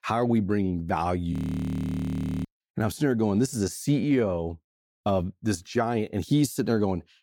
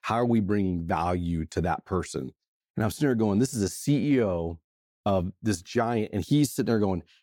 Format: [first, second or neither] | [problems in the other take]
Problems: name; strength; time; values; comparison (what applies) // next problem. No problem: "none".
second | audio freezing; at 1.5 s for 1 s